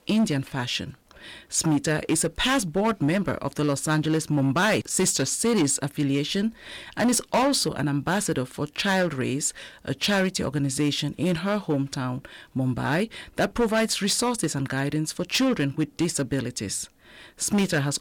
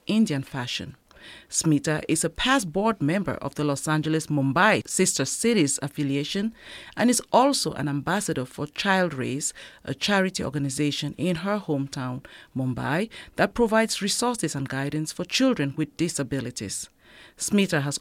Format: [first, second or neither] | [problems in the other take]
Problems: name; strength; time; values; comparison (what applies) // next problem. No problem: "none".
second | distortion; slight; 6% of the sound clipped